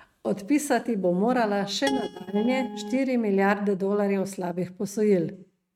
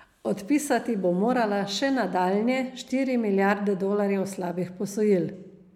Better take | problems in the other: second | noise reduction (neural mask model RNNoise)

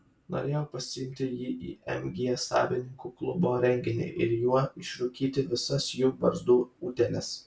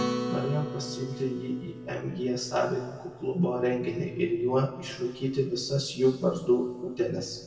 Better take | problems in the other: first | background sound (Acoustic guitar); 10 dB below the speech // room echo; dies away in 1.8 s

